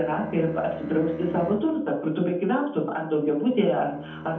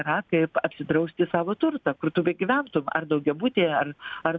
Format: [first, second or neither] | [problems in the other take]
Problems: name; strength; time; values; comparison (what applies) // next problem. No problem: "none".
second | background sound (Bowed string instrument); 15 dB below the speech // room echo; dies away in 0.6 s